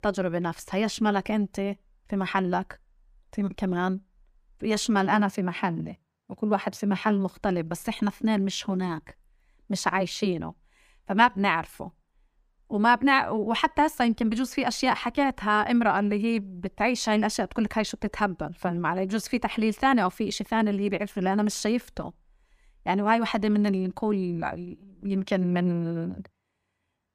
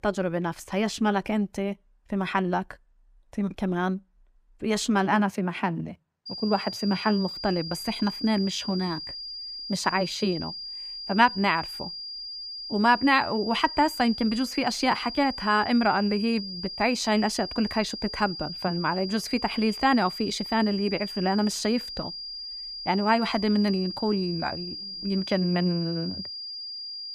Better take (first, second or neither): first